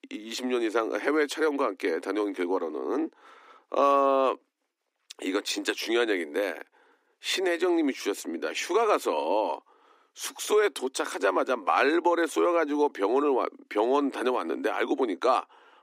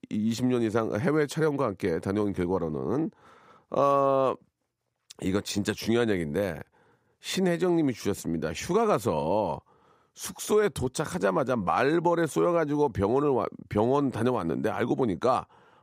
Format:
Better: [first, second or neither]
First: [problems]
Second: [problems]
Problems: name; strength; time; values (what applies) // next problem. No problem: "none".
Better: second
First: thin; very slightly; fading below 250 Hz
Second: none